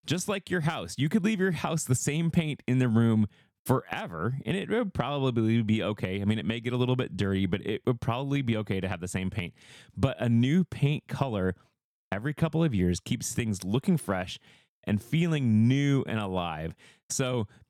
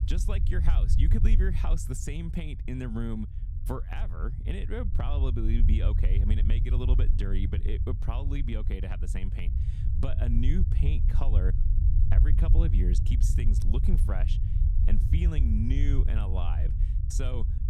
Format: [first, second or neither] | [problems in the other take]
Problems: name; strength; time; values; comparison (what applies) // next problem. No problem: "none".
first | low rumble; loud; throughout; 5 dB below the speech